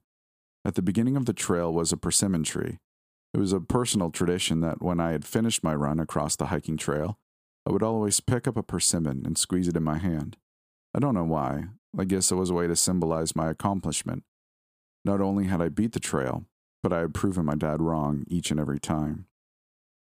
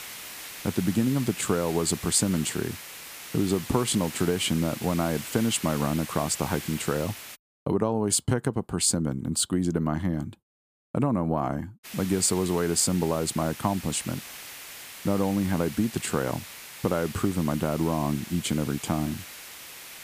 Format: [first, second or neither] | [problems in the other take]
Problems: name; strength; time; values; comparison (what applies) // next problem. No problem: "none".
first | hiss; noticeable; until 7.5 s and from 12 s on; 10 dB below the speech